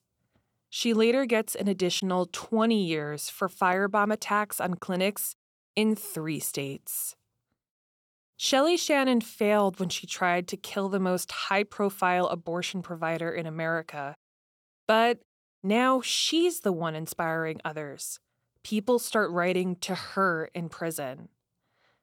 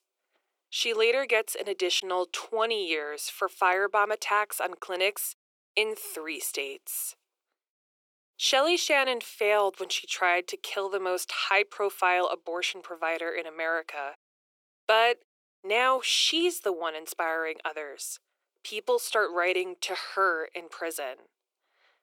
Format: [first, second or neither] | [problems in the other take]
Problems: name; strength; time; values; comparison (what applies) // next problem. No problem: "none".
first | thin; very; fading below 350 Hz